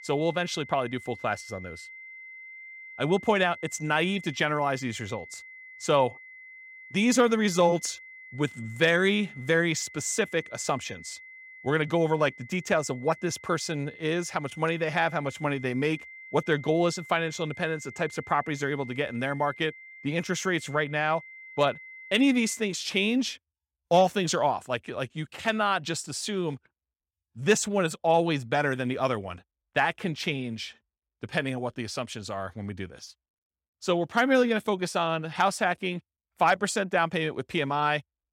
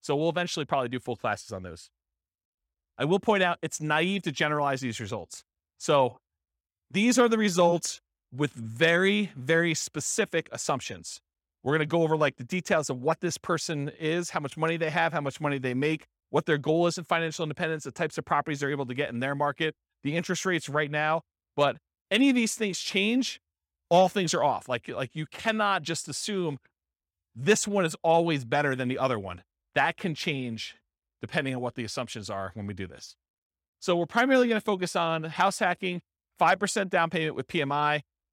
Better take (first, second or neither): second